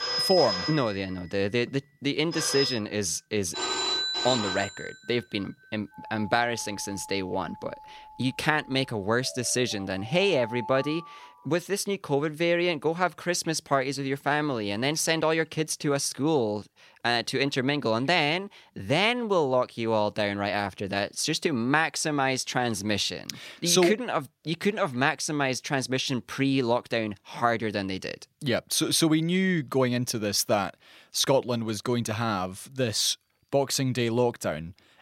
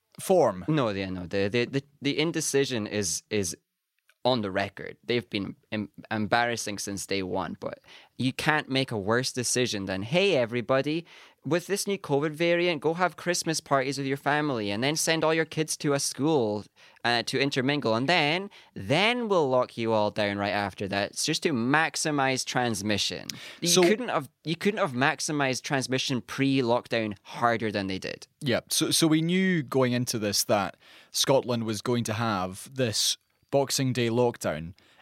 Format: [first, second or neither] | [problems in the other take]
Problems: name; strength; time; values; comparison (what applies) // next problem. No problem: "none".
second | alarms or sirens; loud; until 11 s; 3 dB below the speech